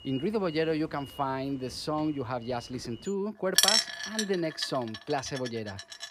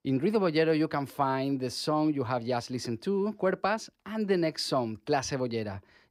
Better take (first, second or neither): second